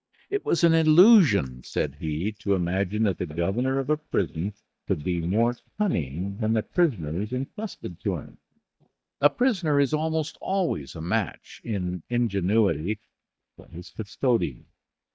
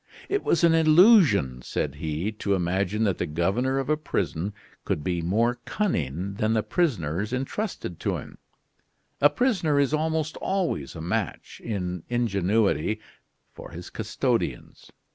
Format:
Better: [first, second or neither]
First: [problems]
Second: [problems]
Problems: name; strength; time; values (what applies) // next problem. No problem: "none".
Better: second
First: noise reduction (neural mask model DeepFilterNet 3)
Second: none